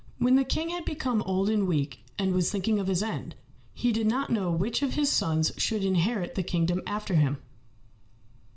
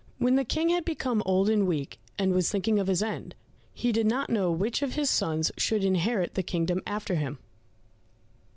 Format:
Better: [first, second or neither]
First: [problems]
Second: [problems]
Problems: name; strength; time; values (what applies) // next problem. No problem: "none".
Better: second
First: room echo; dies away in 0.4 s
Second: none